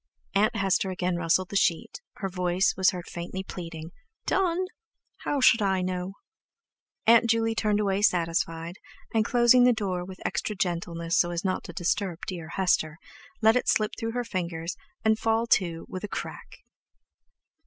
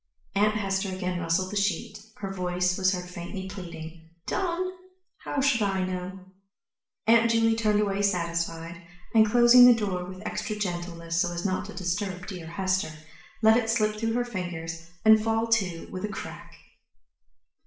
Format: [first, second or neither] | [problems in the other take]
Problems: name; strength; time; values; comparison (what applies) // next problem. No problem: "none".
first | room echo; dies away in 0.6 s